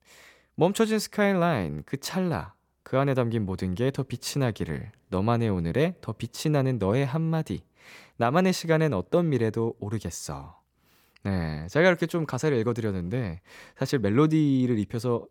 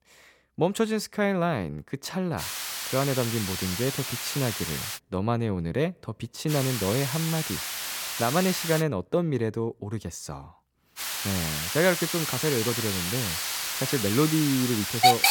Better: first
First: none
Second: hiss; loud; from 2.5 to 5 s, from 6.5 to 9 s and from 11 s on; as loud as the speech

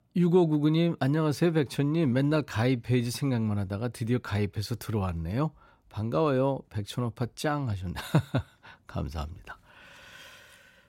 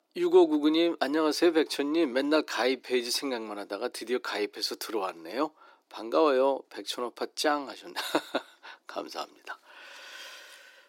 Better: first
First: none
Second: thin; somewhat; fading below 300 Hz

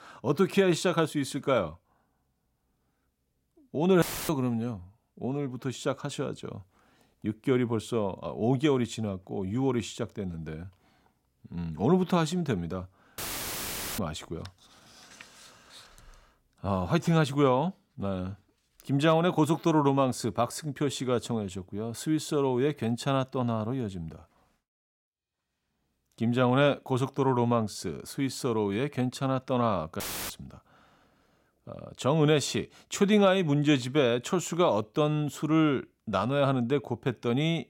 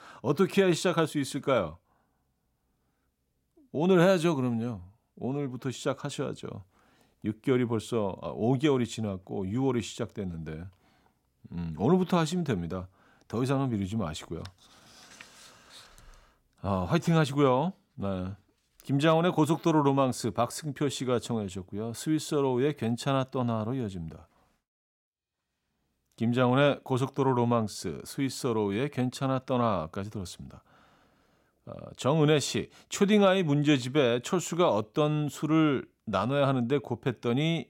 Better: second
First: audio cutting out; filled with static; at 4 s, at 13 s for 1 s and at 30 s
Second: none

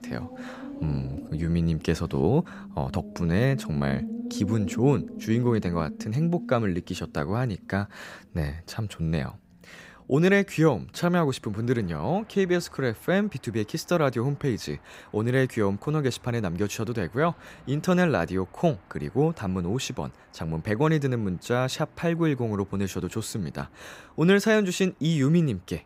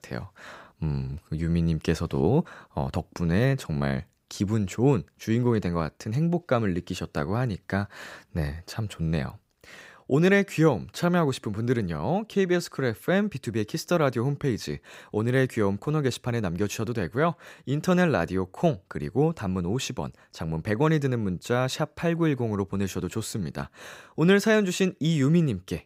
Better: second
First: traffic noise; noticeable; throughout; 15 dB below the speech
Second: none

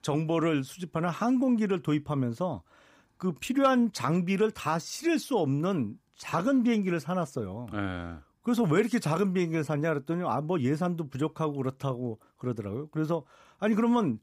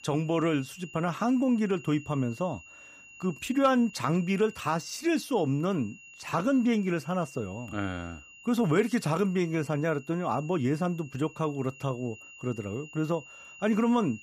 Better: first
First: none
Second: high-pitched whine; noticeable; throughout; 3 kHz, 20 dB below the speech

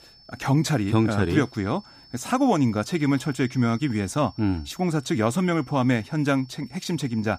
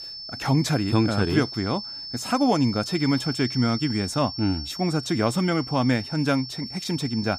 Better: first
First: high-pitched whine; faint; throughout; 5.5 kHz, 25 dB below the speech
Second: high-pitched whine; loud; throughout; 5.5 kHz, 9 dB below the speech

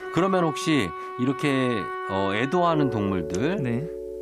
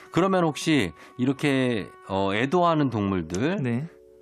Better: second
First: background music; loud; throughout; 7 dB below the speech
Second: background music; faint; throughout; 25 dB below the speech

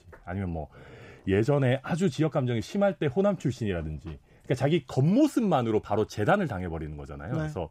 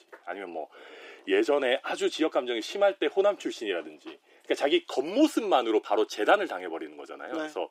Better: first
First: none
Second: thin; very; fading below 300 Hz

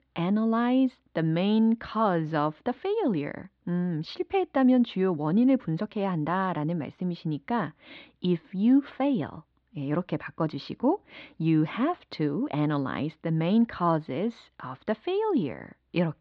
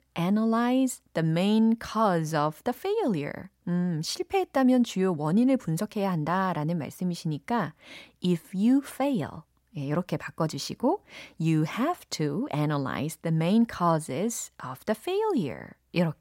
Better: second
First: muffled; slightly; fading above 4 kHz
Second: none

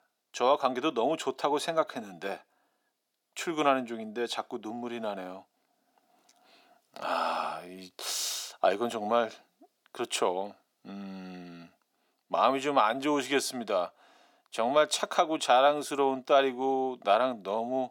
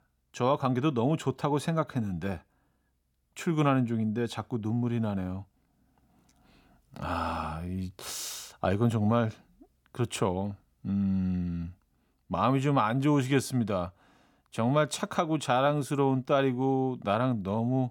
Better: second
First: thin; somewhat; fading below 350 Hz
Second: none

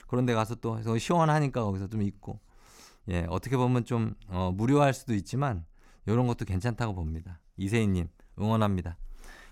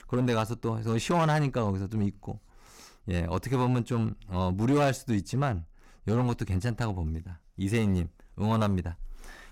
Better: first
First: none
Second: distortion; slight; 5% of the sound clipped

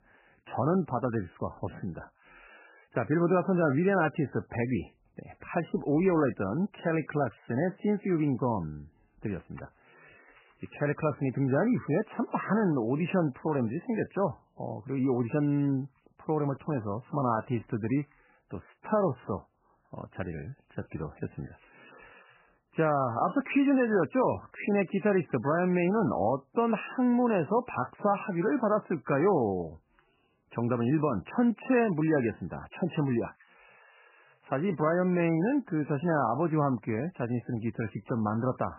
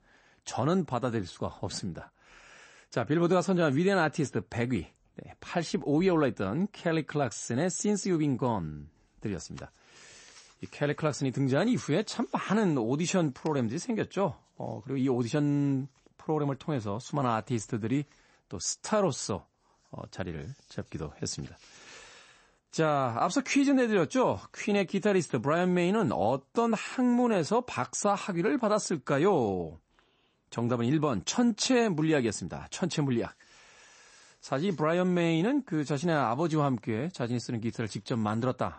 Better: second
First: garbled, watery; badly; nothing above 3 kHz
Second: garbled, watery; slightly; nothing above 8 kHz

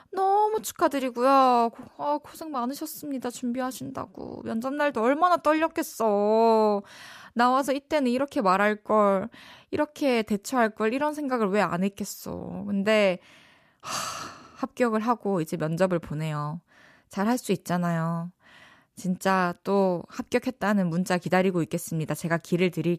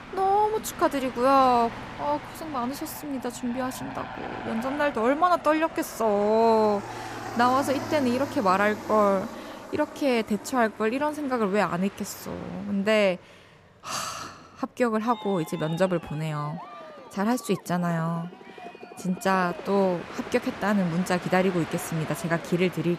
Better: first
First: none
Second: train or aircraft noise; noticeable; throughout; 15 dB below the speech

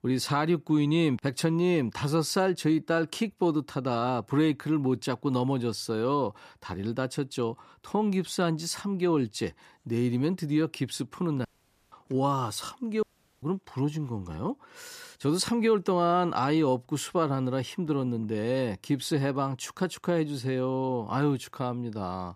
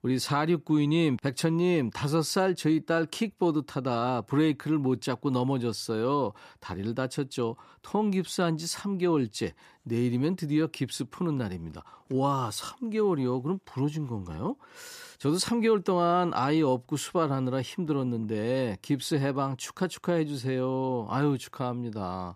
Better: second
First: audio cutting out; at 11 s and at 13 s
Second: none

